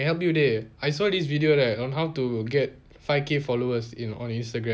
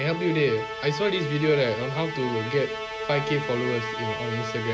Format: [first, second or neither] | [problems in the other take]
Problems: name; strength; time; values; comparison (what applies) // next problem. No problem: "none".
first | background sound (Musical instrument); 5 dB below the speech